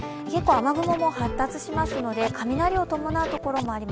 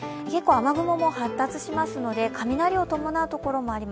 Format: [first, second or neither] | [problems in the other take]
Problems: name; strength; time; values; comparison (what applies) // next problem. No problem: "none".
second | background sound (Scratching (performance technique)); 8 dB below the speech